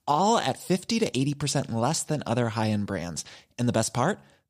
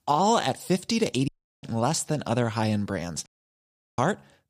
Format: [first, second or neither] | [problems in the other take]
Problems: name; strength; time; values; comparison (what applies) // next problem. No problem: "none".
first | audio cutting out; at 1.5 s and at 3.5 s for 0.5 s